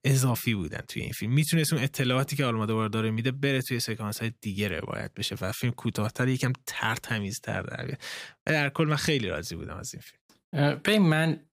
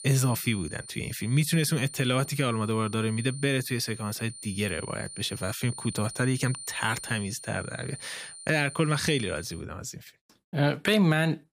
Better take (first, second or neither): first